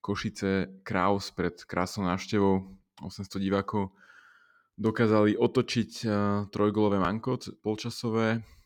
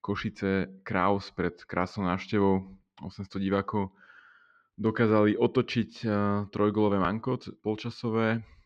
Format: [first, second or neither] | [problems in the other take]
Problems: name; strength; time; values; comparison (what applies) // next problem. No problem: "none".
first | muffled; very slightly; fading above 3 kHz